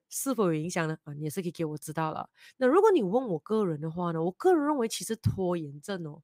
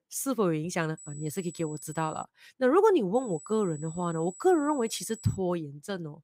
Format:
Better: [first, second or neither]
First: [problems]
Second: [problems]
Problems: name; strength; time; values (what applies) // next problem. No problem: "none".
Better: first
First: none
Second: high-pitched whine; noticeable; from 1 to 2 s and from 3 to 5.5 s; 8 kHz, 15 dB below the speech